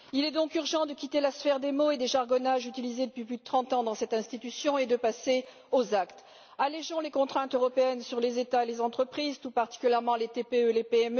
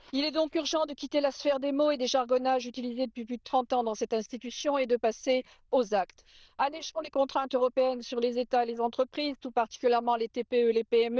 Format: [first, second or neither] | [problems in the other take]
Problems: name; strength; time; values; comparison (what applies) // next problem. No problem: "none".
first | noise reduction (neural diffusion model UNIVERSE++)